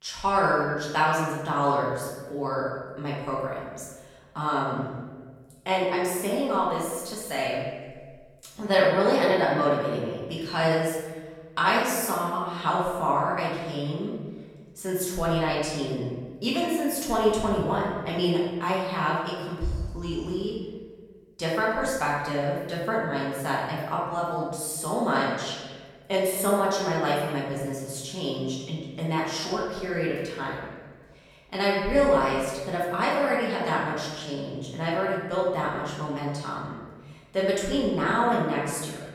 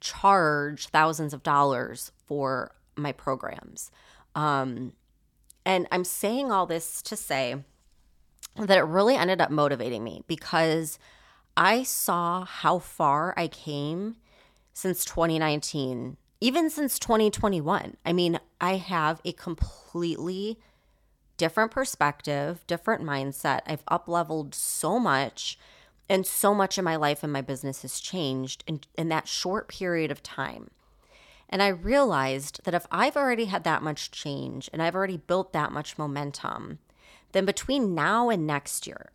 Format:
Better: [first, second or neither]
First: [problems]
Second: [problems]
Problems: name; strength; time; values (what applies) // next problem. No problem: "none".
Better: second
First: room echo; noticeable; dies away in 1.3 s // off-mic speech; far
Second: none